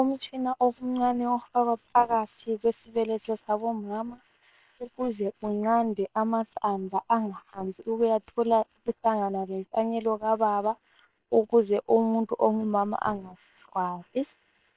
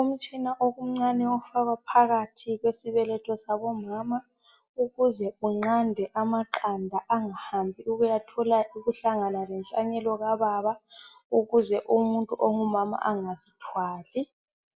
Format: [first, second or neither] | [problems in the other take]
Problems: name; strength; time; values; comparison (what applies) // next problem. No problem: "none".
second | noise reduction (neural separator model SepFormer WHAM!)